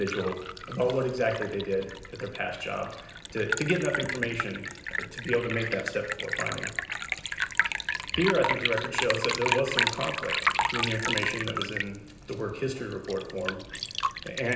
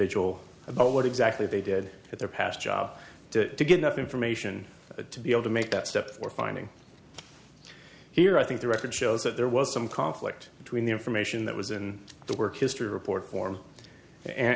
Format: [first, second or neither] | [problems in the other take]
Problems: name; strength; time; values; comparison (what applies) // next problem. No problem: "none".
second | background sound (Liquid); 1 dB below the speech // room echo; dies away in 0.9 s